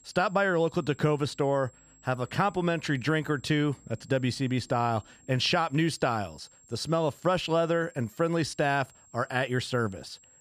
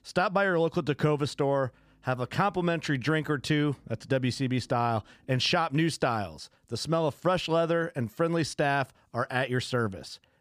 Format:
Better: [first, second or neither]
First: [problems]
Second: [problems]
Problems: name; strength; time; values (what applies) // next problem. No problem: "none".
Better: second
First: high-pitched whine; faint; throughout; 7.5 kHz, 30 dB below the speech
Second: none